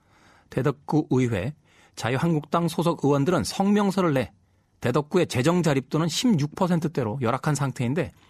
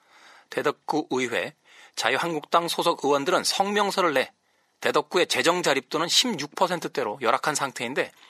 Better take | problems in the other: first | thin; somewhat; fading below 500 Hz

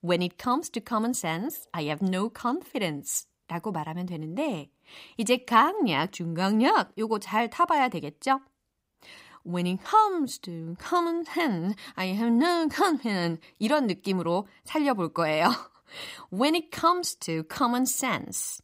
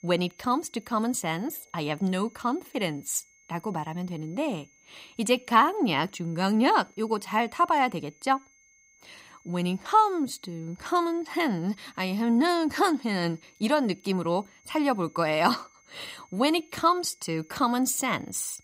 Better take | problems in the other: first | high-pitched whine; faint; throughout; 2 kHz, 30 dB below the speech

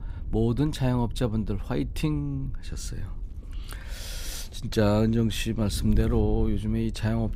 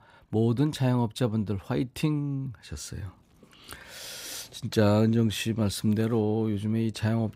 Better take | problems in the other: second | wind noise on the microphone; occasional gusts; 20 dB below the speech

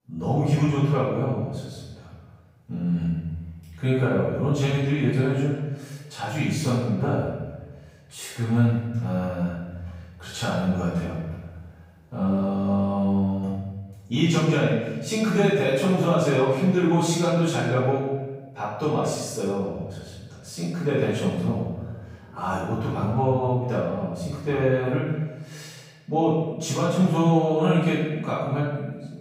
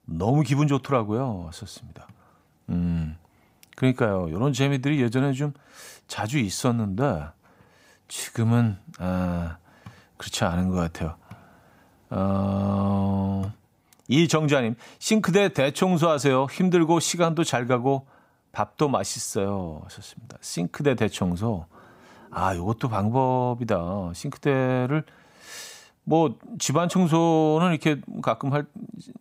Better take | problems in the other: second | room echo; strong; dies away in 1.2 s // off-mic speech; far

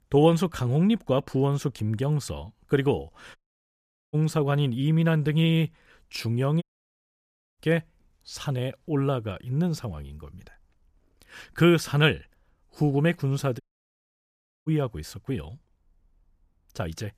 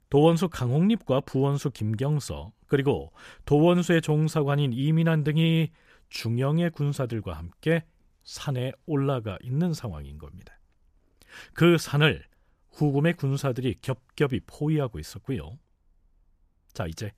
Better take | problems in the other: second | audio cutting out; at 3.5 s for 1 s, at 6.5 s for 1 s and at 14 s for 1 s

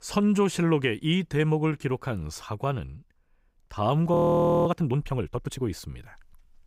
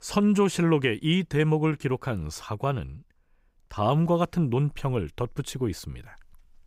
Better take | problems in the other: second | audio freezing; at 4 s for 0.5 s

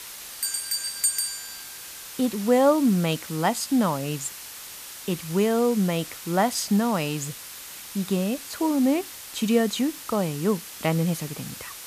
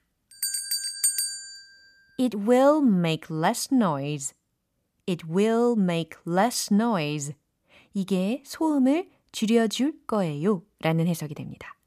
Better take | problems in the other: second | hiss; noticeable; throughout; 10 dB below the speech

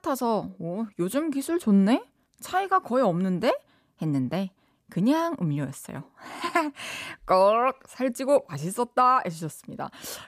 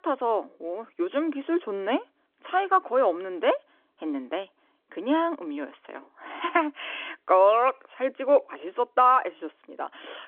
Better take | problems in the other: first | phone-call audio

